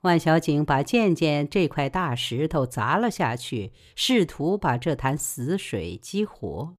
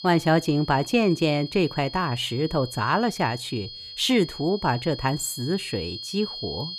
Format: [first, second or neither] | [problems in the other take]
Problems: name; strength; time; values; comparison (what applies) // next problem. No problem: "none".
first | high-pitched whine; noticeable; throughout; 4.5 kHz, 10 dB below the speech